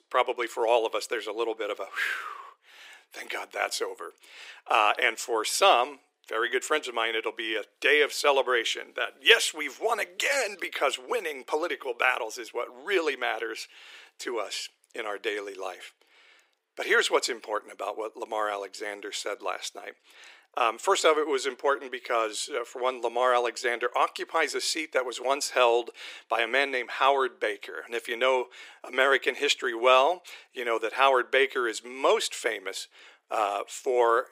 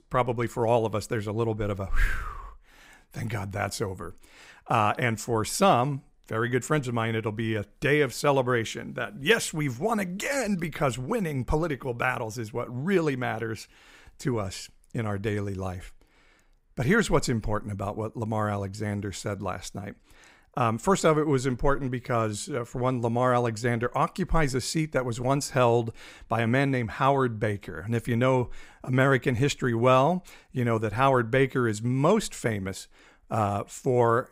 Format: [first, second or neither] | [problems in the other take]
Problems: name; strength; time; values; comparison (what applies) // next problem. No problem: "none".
second | thin; very; fading below 350 Hz